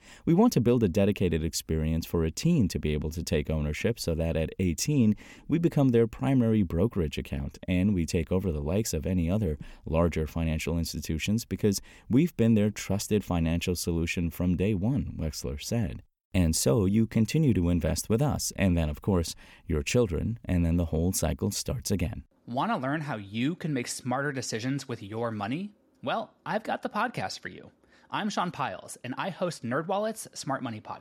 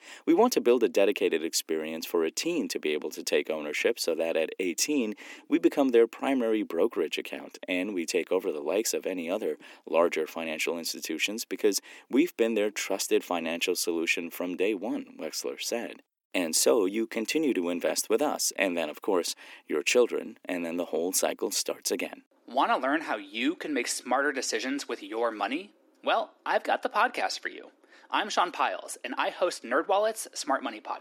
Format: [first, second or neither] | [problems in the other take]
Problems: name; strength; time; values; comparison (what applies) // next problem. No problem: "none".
first | thin; somewhat; fading below 300 Hz